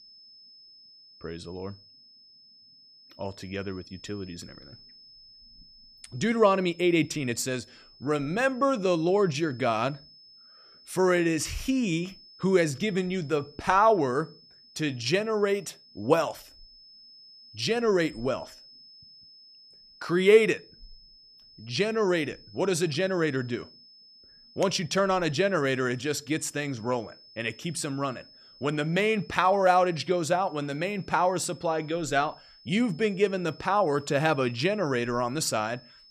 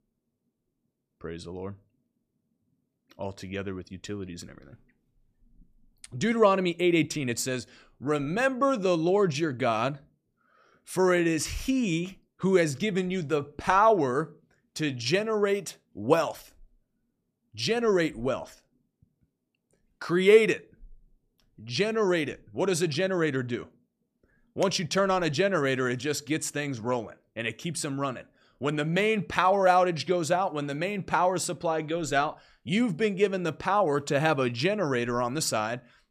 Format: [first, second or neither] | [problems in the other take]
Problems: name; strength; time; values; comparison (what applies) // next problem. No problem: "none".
second | high-pitched whine; faint; throughout; 5 kHz, 25 dB below the speech